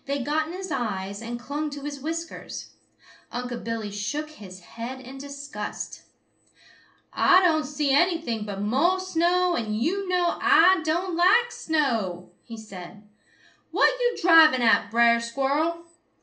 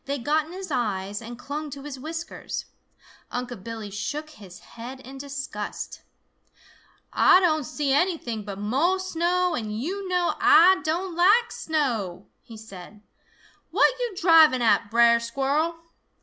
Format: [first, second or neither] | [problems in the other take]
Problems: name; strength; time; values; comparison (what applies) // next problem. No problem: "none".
second | room echo; dies away in 0.3 s